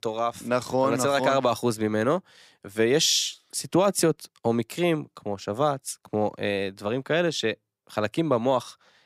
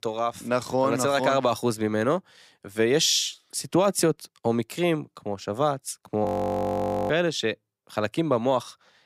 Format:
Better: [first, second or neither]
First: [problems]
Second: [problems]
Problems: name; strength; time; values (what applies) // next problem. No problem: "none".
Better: first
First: none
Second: audio freezing; at 6.5 s for 1 s